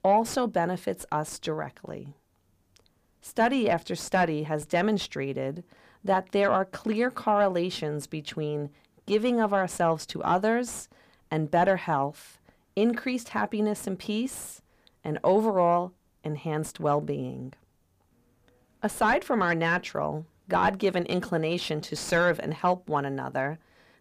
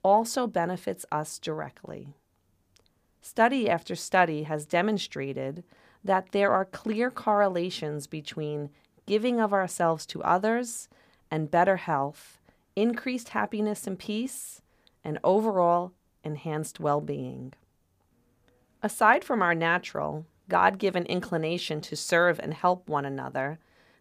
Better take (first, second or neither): second